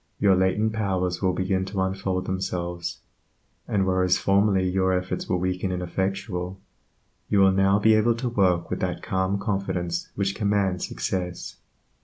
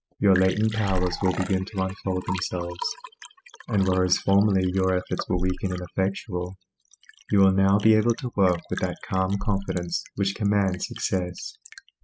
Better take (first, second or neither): first